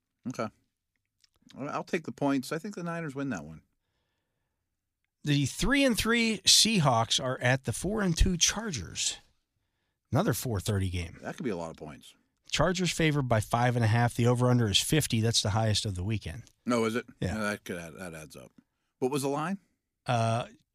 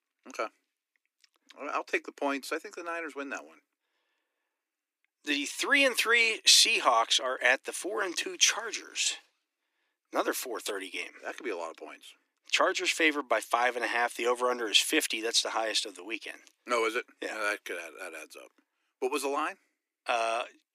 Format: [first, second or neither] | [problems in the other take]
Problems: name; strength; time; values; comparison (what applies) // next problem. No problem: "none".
first | thin; very; fading below 300 Hz